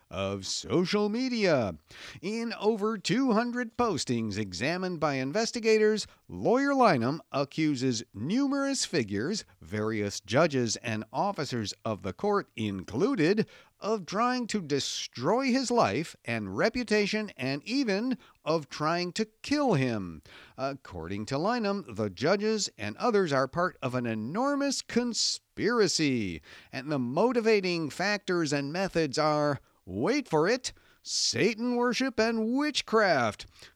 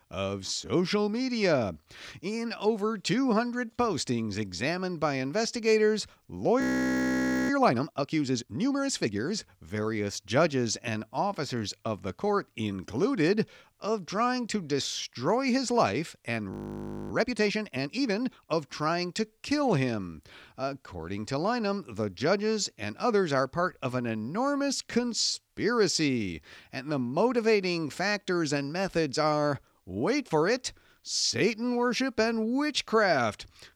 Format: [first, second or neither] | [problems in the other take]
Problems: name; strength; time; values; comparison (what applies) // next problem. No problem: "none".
first | audio freezing; at 6.5 s for 1 s and at 17 s for 0.5 s